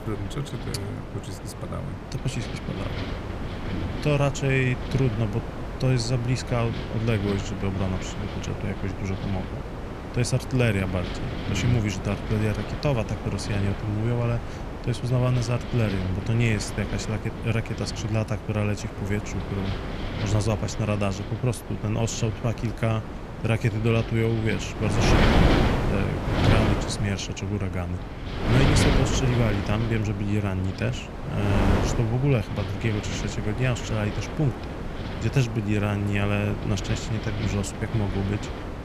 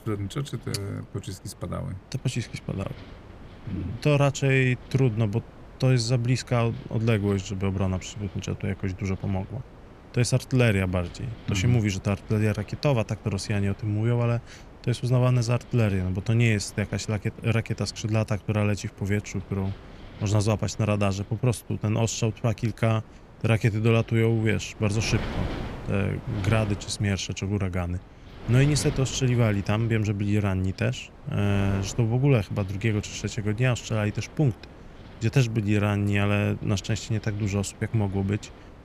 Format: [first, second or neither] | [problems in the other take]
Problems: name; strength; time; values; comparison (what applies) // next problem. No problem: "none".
second | wind noise on the microphone; heavy; 2 dB below the speech; occasional gusts in the second